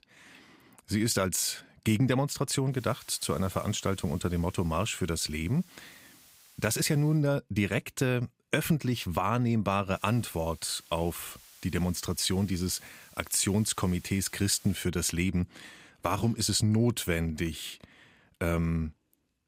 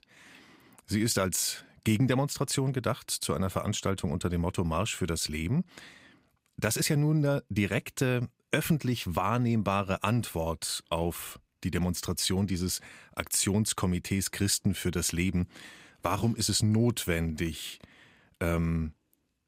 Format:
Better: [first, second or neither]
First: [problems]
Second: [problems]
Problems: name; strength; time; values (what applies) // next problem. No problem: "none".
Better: second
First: hiss; faint; from 2.5 to 7 s and from 10 to 15 s; 25 dB below the speech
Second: none